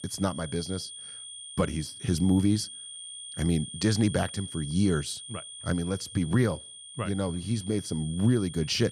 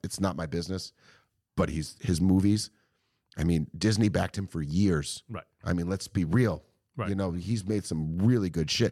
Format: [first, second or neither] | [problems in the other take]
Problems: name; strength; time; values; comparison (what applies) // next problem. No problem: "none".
second | high-pitched whine; noticeable; throughout; 9 kHz, 10 dB below the speech